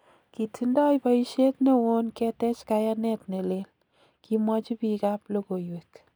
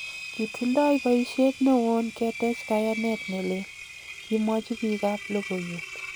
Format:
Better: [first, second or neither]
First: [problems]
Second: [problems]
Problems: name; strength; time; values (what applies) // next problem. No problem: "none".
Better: first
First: none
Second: background sound (Engine); 12 dB below the speech